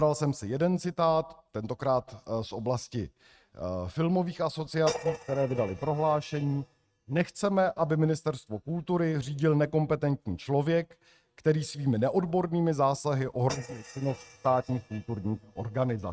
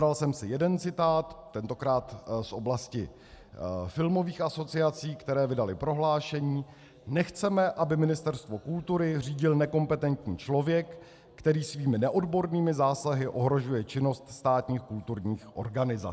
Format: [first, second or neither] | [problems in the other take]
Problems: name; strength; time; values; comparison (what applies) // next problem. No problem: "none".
second | noise reduction (neural mask model RNNoise)